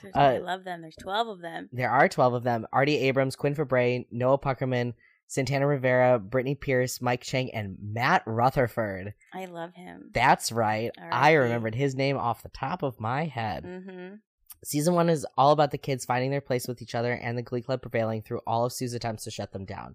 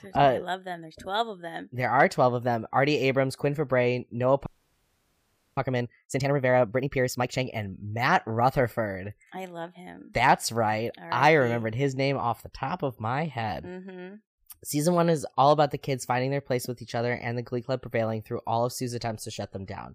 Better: first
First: none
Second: audio freezing; at 4.5 s for 1 s

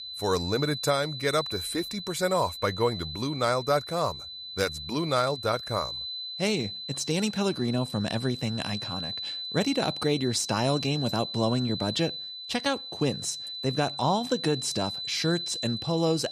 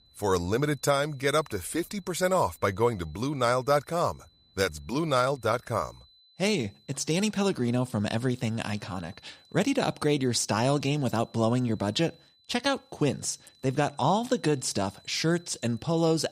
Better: second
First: high-pitched whine; loud; throughout; 4 kHz, 6 dB below the speech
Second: high-pitched whine; faint; throughout; 4 kHz, 30 dB below the speech

